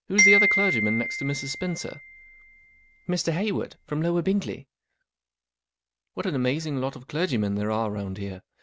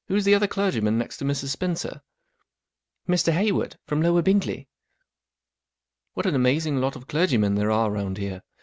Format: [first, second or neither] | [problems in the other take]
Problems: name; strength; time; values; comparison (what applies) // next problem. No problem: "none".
second | background sound (Glockenspiel); 2 dB above the speech